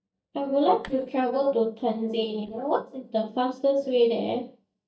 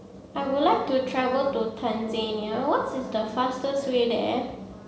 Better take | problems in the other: second | noise reduction (neural mask model DeepFilterNet 3)

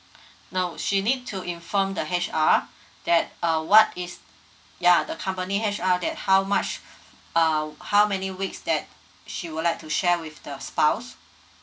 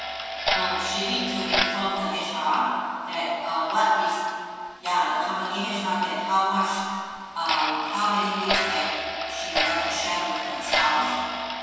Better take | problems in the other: first | background sound (Clock); 3 dB below the speech // room echo; dies away in 2.1 s

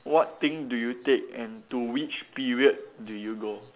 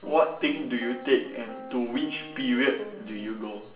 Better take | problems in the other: first | background sound (Piano); 15 dB below the speech // room echo; dies away in 0.7 s

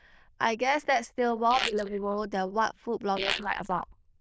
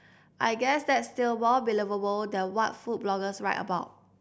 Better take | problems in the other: second | noise reduction (neural diffusion model UNIVERSE++)

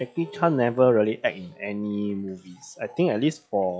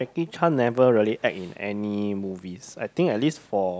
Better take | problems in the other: second | noise reduction (classical method log-MMSE)

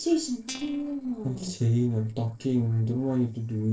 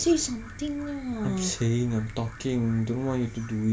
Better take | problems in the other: second | noise reduction (neural separator model SepFormer DNS4)

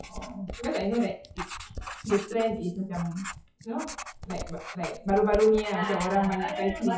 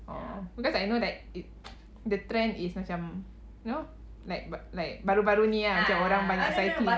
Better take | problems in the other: second | noise reduction (classical method WPE with log-MMSE)

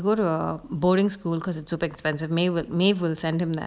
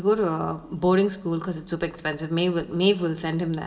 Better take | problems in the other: first | room echo; dies away in 0.8 s

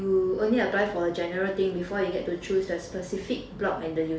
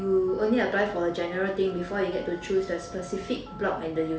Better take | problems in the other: first | background sound (Telephone); 19 dB below the speech

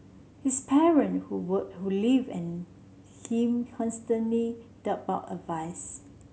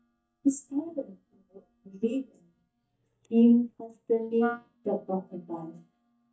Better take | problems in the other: first | noise reduction (neural mask model DeepFilterNet 3)

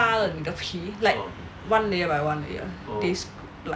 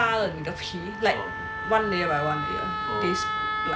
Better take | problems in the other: first | background sound (Wind instrument, woodwind instrument); 3 dB below the speech

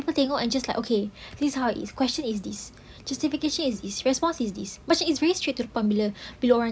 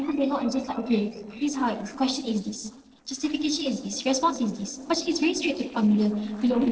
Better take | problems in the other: first | noise reduction (neural separator model SepFormer DNS4)

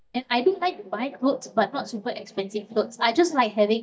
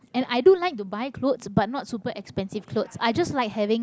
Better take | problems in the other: second | noise reduction (neural mask model DeepFilterNet 3)

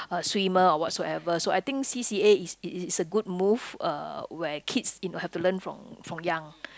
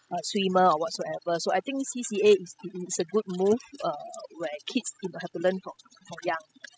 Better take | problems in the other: first | noise reduction (classical method spectral subtraction)

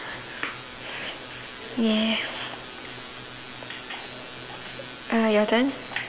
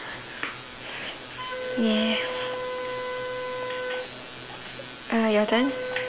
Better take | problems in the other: first | background sound (Wind instrument, woodwind instrument); 5 dB below the speech

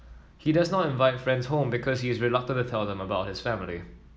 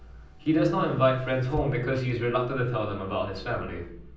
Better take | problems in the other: first | background sound (Engine / Car); 16 dB below the speech // room echo; dies away in 0.6 s

